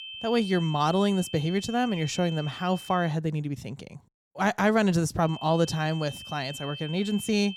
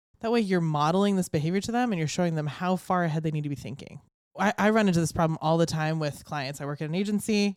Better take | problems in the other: second | high-pitched whine; noticeable; until 3 s and from 5.5 s on; 3 kHz, 15 dB below the speech

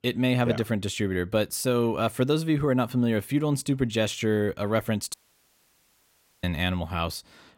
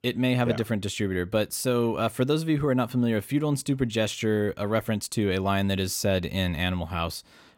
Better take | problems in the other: second | audio cutting out; at 5 s for 1.5 s

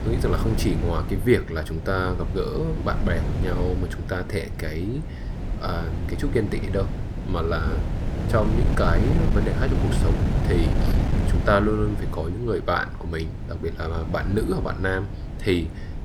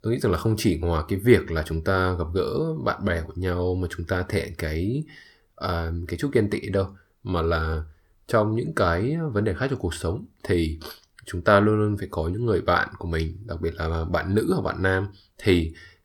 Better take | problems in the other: second | wind noise on the microphone; heavy; 8 dB below the speech

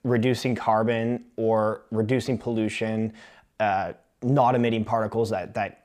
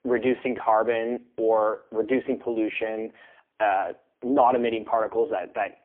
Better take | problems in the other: first | phone-call audio; poor line

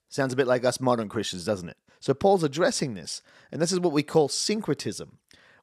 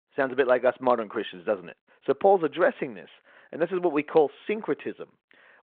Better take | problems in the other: first | phone-call audio

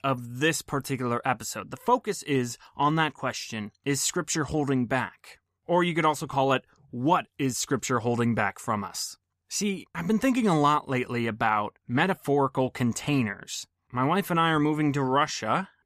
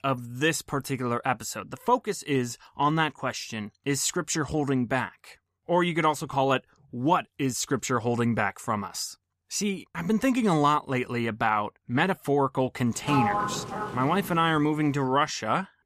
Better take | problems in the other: first | door banging; loud; from 13 to 14 s; peak 1 dB above the speech

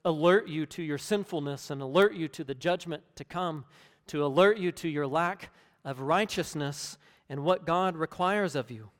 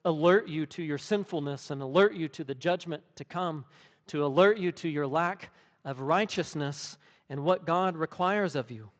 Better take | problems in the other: first | garbled, watery; slightly; nothing above 7.5 kHz

